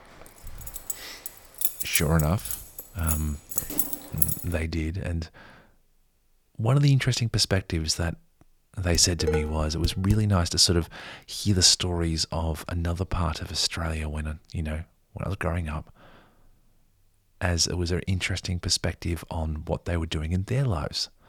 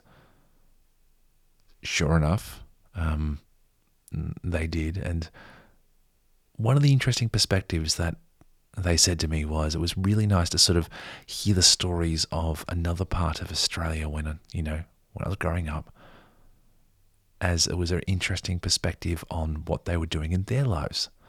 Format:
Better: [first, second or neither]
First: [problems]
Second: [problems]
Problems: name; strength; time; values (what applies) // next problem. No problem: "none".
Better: second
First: jangling keys; loud; from 0.5 to 4.5 s; peak 2 dB above the speech // clattering dishes; noticeable; from 9 to 10 s; peak 4 dB below the speech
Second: none